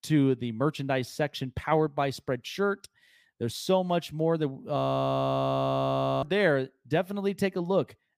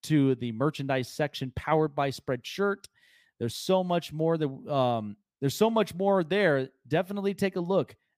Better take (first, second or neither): second